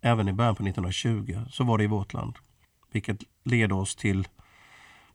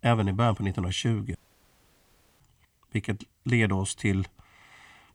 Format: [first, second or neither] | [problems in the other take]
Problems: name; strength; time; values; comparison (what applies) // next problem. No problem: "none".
first | audio cutting out; at 1.5 s for 1 s